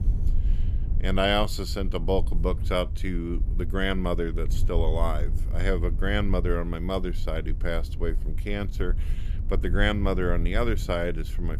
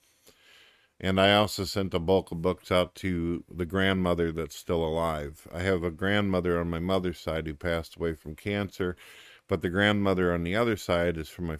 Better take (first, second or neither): second